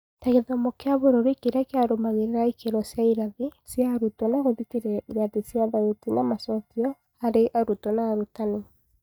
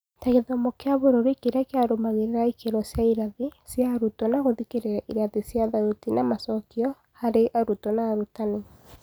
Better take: second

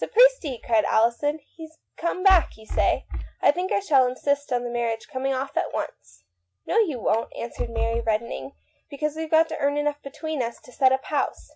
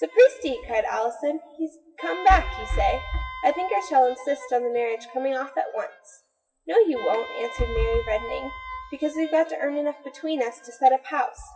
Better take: first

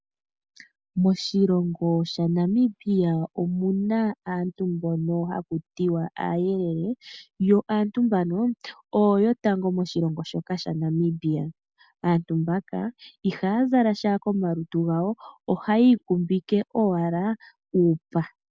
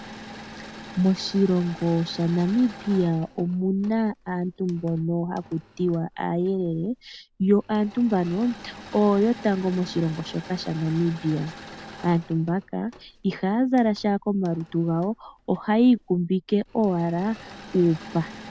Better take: first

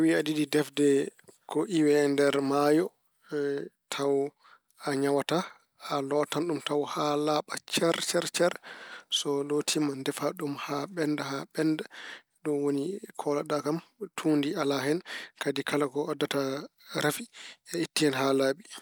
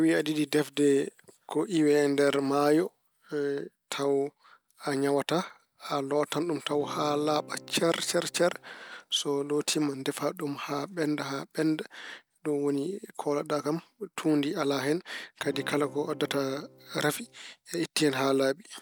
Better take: first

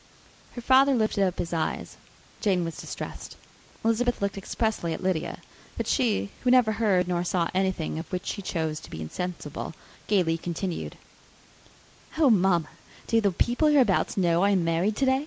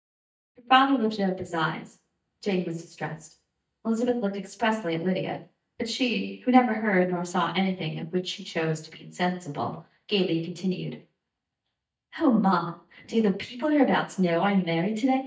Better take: first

